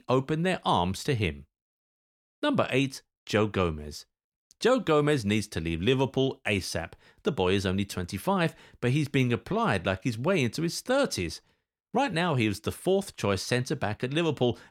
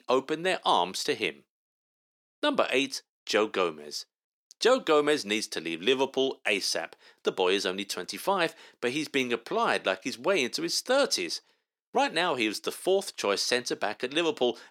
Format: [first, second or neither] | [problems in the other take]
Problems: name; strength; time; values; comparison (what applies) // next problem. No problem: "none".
first | thin; somewhat; fading below 300 Hz